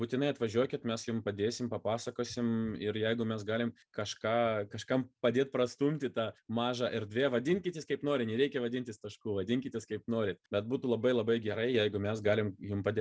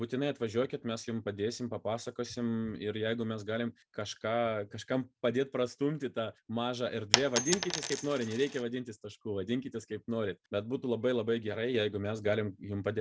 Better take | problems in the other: first | background sound (Coin (dropping)); as loud as the speech

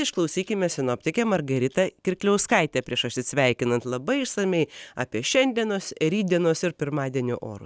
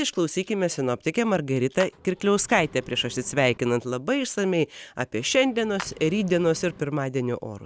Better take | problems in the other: first | background sound (Engine + Clapping); 19 dB below the speech

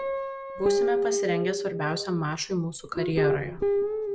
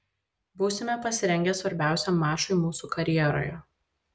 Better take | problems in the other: second | background sound (Guitar); 3 dB above the speech

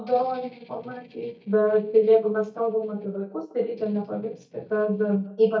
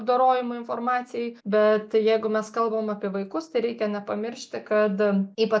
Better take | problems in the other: second | noise reduction (neural mask model DeepFilterNet 3)

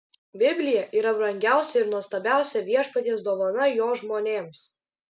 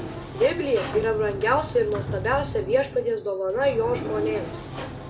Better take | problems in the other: first | background sound (Sliding door); 8 dB below the speech // room echo; dies away in 1.5 s

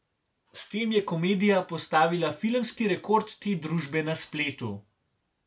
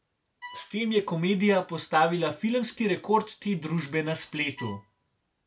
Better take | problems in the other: first | background sound (Bowed string instrument); 19 dB below the speech

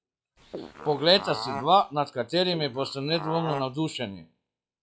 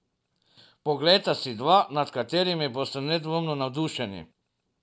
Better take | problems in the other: second | noise reduction (classical method log-MMSE)

